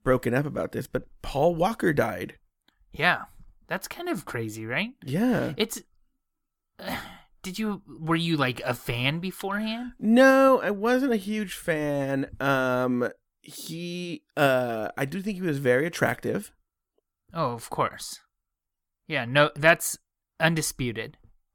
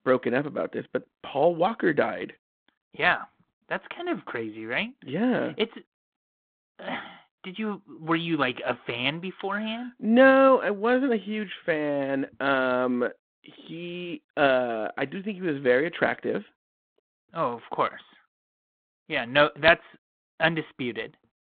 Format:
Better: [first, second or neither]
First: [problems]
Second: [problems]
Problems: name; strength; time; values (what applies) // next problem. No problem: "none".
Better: first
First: none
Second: phone-call audio; nothing above 4 kHz